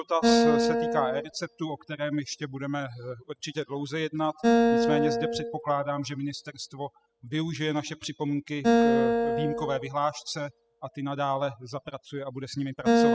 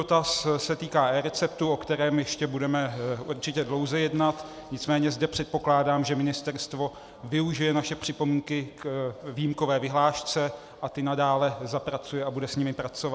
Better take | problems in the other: second | noise reduction (classical method spectral subtraction)

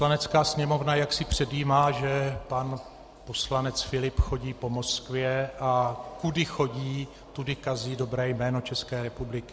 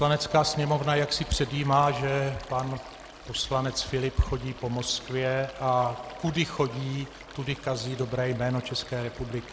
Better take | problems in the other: first | background sound (Stream); 19 dB below the speech

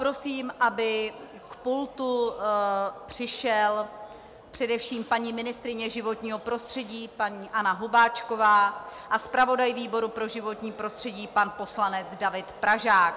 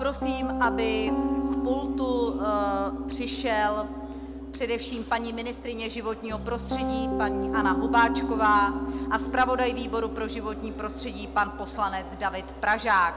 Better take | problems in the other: first | background sound (Piano); 3 dB below the speech

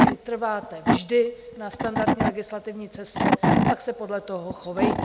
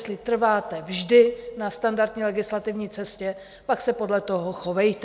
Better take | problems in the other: second | background sound (Wood / Tools); 4 dB above the speech

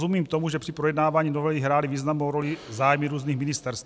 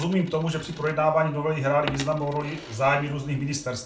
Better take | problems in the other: first | background sound (Coin (dropping)); 17 dB below the speech // room echo; dies away in 0.3 s

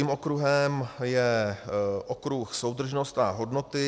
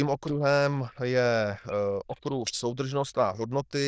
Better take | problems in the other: first | noise reduction (neural diffusion model UNIVERSE++)

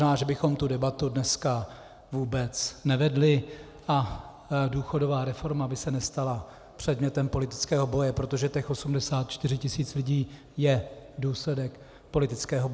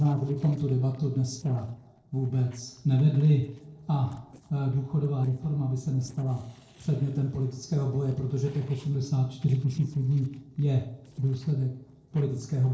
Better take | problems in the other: first | noise reduction (neural separator model SepFormer DNS4)

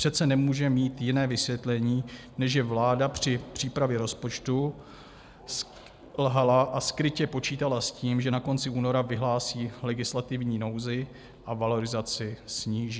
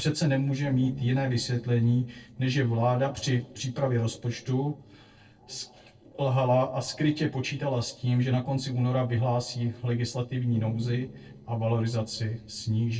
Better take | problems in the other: first | noise reduction (neural separator model SepFormer DNS4)

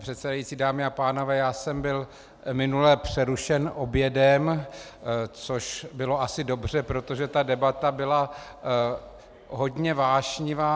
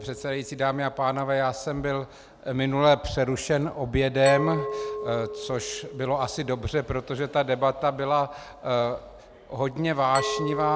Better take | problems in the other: first | background sound (Glass); 12 dB below the speech

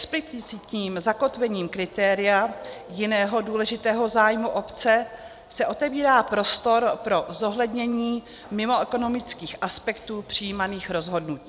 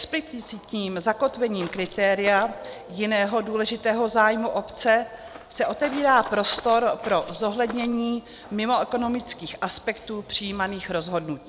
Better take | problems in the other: first | background sound (Walk, footsteps + Cutlery, silverware); 16 dB below the speech

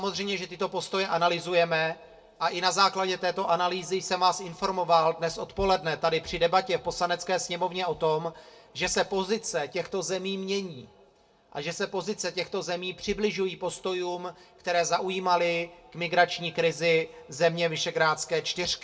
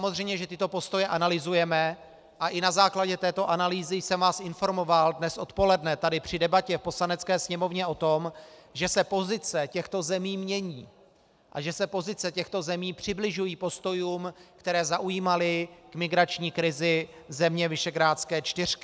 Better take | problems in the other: second | room echo; dies away in 0.2 s

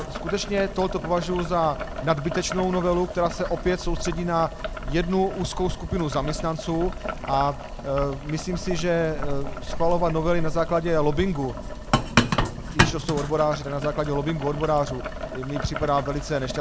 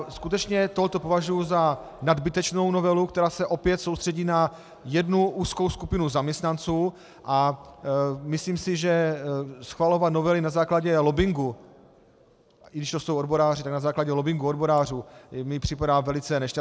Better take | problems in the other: second | background sound (Boiling); 3 dB below the speech

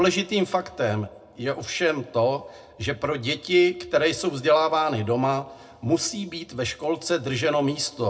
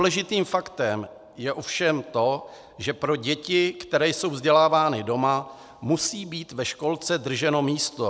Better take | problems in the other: second | room echo; dies away in 0.2 s

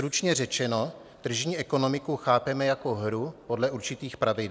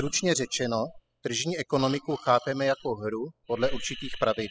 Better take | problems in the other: first | noise reduction (classical method spectral subtraction)

